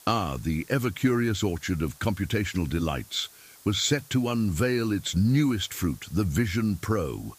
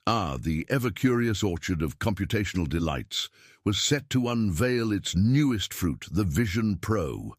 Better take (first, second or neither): second